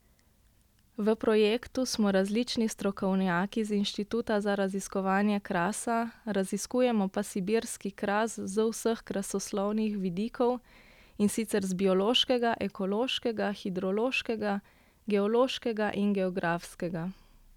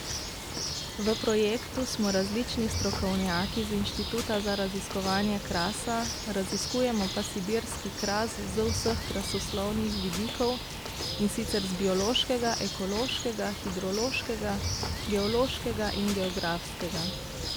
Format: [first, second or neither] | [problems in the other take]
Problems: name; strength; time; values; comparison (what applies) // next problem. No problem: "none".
first | background sound (Bird); 4 dB below the speech